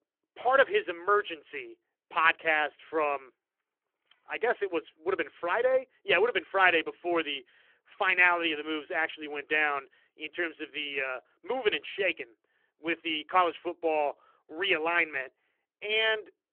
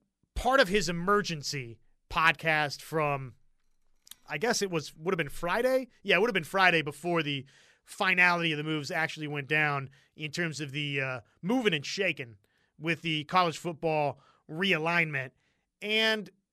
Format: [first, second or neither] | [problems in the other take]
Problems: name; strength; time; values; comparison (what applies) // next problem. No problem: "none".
second | phone-call audio; nothing above 3 kHz